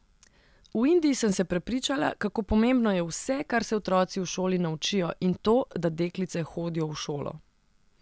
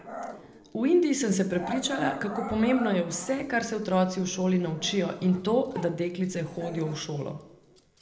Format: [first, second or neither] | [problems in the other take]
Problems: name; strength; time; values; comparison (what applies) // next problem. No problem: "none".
first | background sound (Growling); 14 dB below the speech // room echo; dies away in 0.7 s